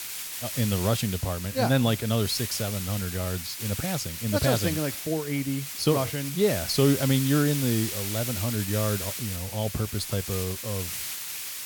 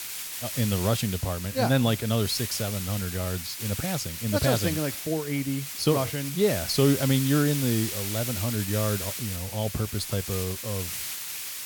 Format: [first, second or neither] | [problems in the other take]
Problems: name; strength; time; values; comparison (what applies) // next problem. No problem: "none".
neither | hiss; loud; throughout; 5 dB below the speech; the same in both